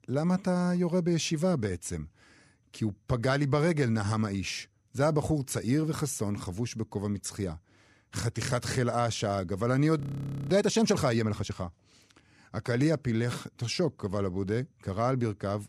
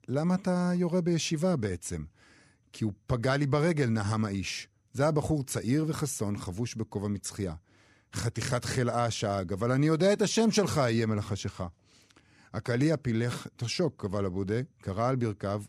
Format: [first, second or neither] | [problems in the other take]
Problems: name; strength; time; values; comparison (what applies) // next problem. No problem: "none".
second | audio freezing; at 10 s for 0.5 s